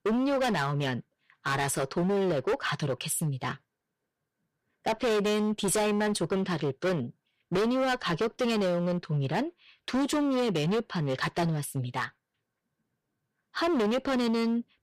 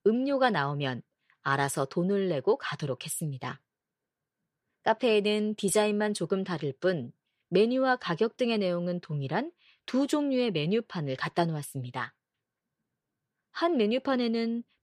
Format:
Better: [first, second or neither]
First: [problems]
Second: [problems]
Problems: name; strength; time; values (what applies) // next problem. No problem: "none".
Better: second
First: distortion; heavy; 18% of the sound clipped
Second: none